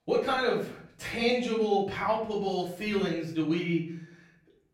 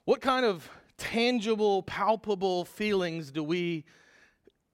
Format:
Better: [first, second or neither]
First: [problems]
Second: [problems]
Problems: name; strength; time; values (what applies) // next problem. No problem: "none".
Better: second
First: off-mic speech; far // room echo; noticeable; dies away in 0.5 s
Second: none